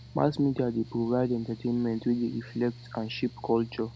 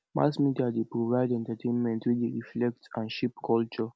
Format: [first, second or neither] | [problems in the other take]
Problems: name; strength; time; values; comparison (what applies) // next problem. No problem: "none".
second | background sound (Mechanical fan); 18 dB below the speech